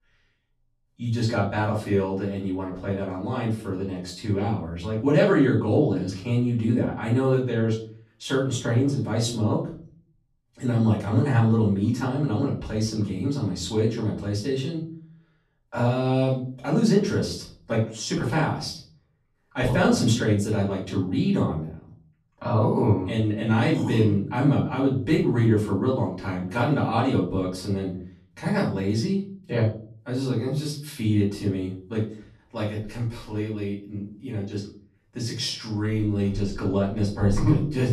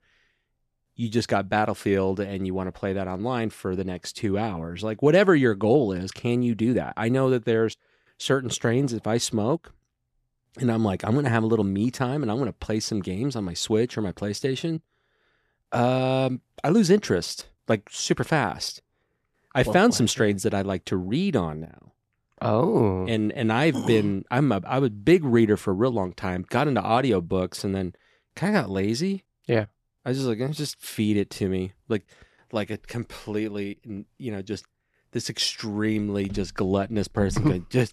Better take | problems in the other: second | off-mic speech; far // room echo; slight; dies away in 0.4 s

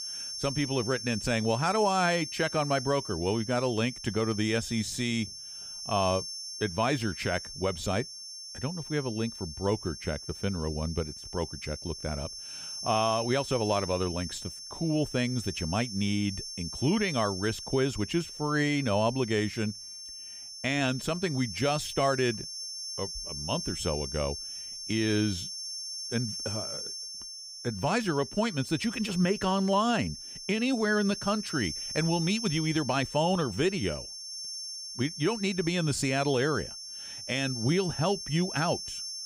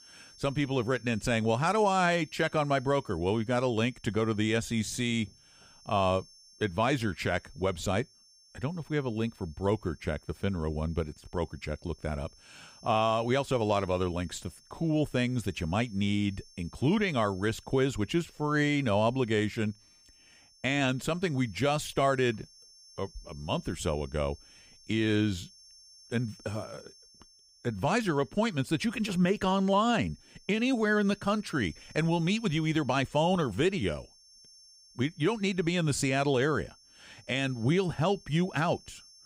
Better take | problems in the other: second | high-pitched whine; loud; throughout; 5.5 kHz, 7 dB below the speech; faint in the second

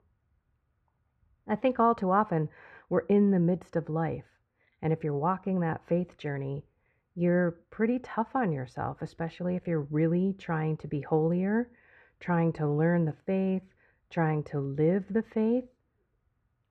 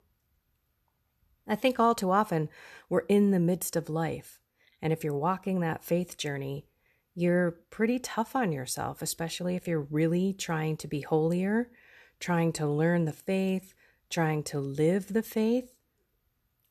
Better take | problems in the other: second | muffled; very; fading above 1.5 kHz

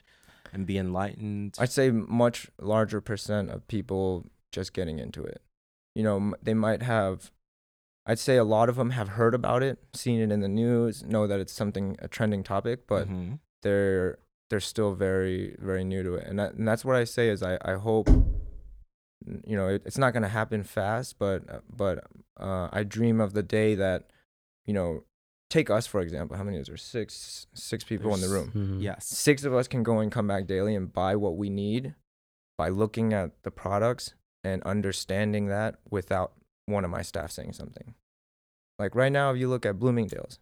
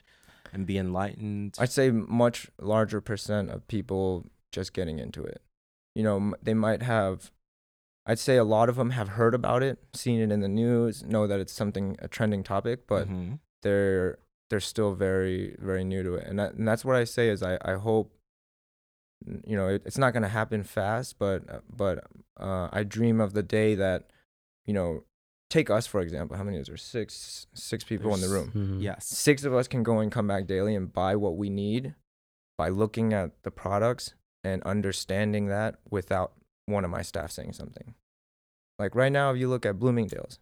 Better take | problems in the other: second | door banging; loud; at 18 s; peak 5 dB above the speech

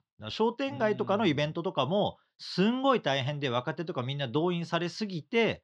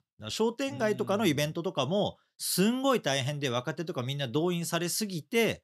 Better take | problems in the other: second | muffled; slightly; fading above 4.5 kHz

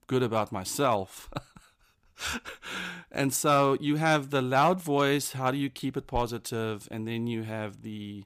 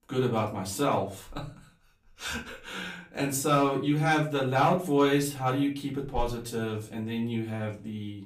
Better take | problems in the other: first | off-mic speech; far // room echo; very slight; dies away in 0.3 s

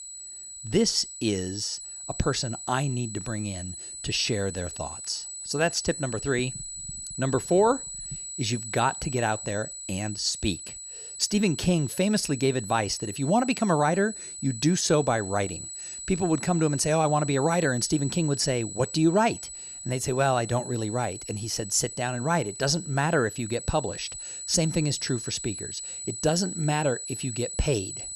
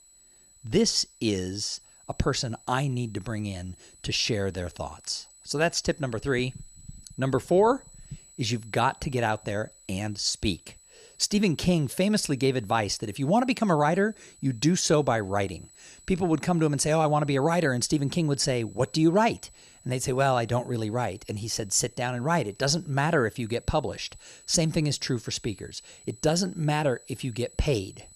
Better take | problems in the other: second | high-pitched whine; loud; throughout; 8 kHz, 9 dB below the speech; faint in the second

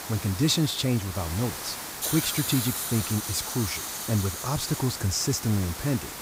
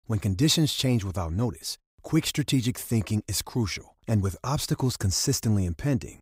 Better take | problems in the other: second | hiss; loud; throughout; 4 dB below the speech

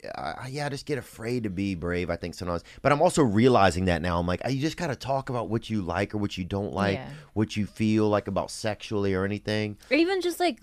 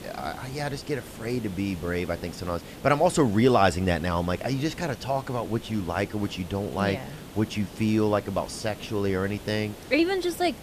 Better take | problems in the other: first | hiss; noticeable; throughout; 15 dB below the speech

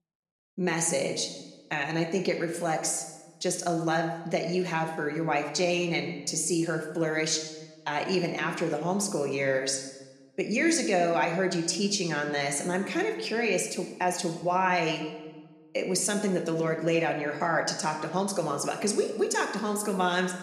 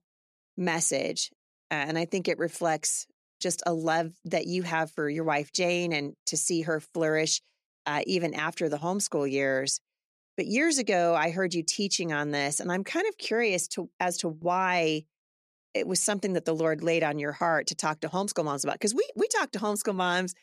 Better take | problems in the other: second | room echo; slight; dies away in 0.9 s

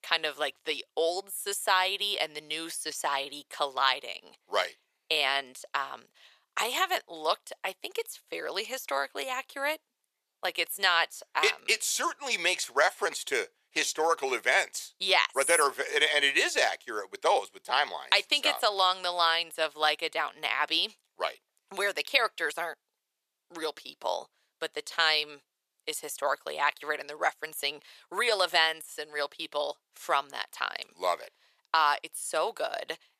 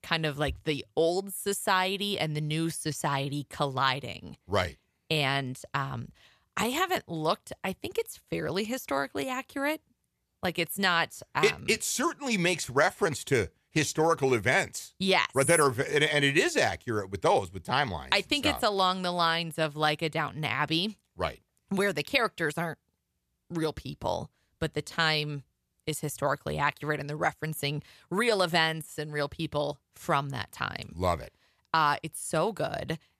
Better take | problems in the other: second | thin; very; fading below 500 Hz

